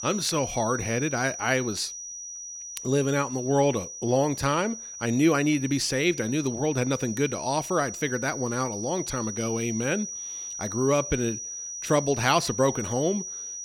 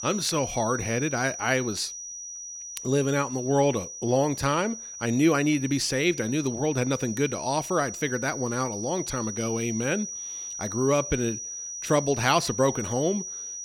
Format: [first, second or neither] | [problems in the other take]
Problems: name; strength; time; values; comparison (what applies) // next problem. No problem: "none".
neither | high-pitched whine; loud; throughout; 6 kHz, 8 dB below the speech; the same in both